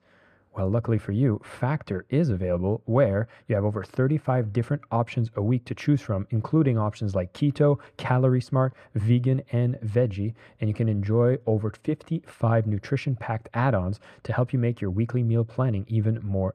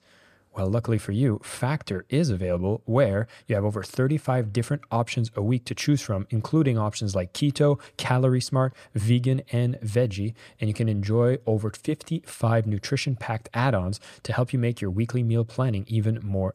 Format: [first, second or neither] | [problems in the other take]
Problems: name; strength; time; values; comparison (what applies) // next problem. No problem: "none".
second | muffled; slightly; fading above 3 kHz